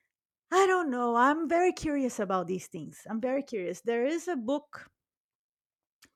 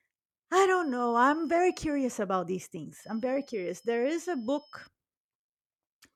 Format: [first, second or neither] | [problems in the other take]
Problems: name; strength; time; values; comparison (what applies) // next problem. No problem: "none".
first | high-pitched whine; faint; from 0.5 to 2 s and from 3 to 5 s; 5 kHz, 30 dB below the speech